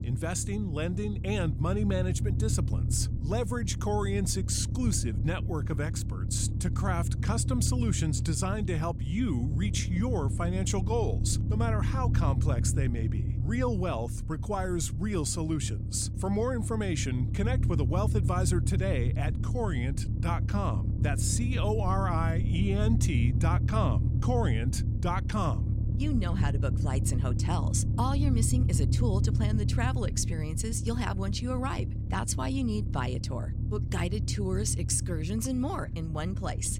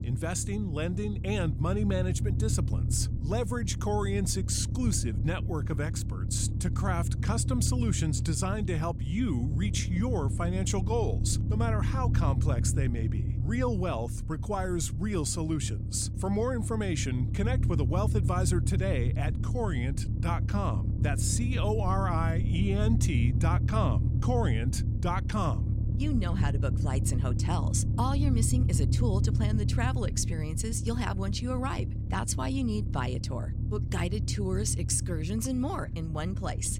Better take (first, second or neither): neither